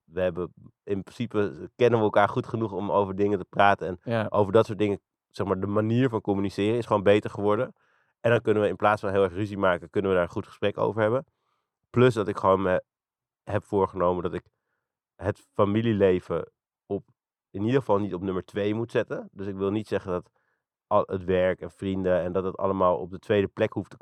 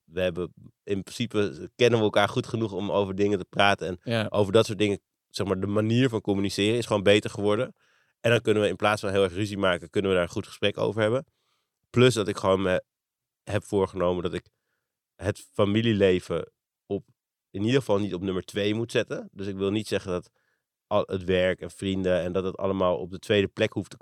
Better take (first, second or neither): second